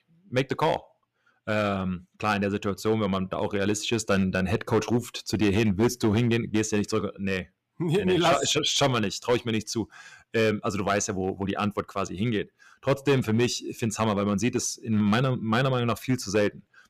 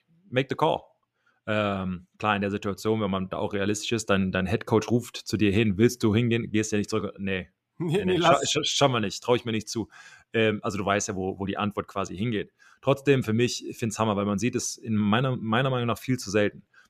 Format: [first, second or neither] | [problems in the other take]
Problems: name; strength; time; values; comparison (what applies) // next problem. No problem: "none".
second | distortion; slight; 3% of the sound clipped